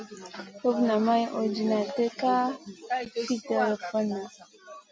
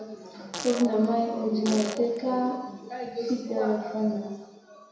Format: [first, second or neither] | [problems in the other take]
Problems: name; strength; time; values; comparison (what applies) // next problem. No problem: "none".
first | background sound (Fart); 12 dB below the speech // room echo; dies away in 1 s